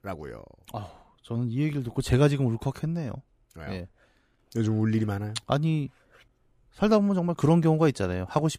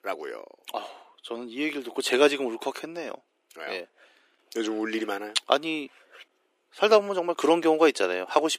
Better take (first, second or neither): first